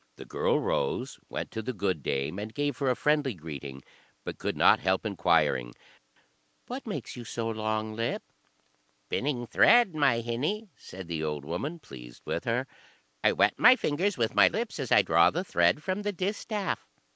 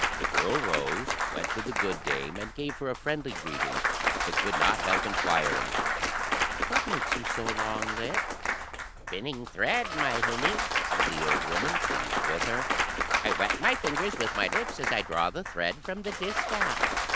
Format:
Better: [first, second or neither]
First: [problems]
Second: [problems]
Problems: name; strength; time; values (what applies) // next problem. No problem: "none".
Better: first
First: none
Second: background sound (Applause / Cheering / Clapping); 4 dB above the speech